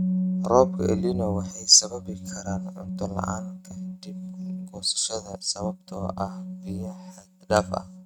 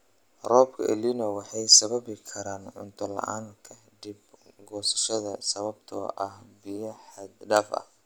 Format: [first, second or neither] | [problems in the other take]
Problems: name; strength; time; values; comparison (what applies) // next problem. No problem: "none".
second | noise reduction (neural mask model RNNoise)